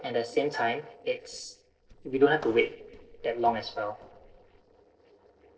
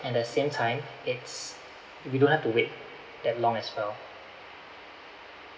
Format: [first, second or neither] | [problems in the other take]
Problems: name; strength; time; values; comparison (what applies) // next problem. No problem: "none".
second | noise reduction (neural separator model SepFormer DNS4)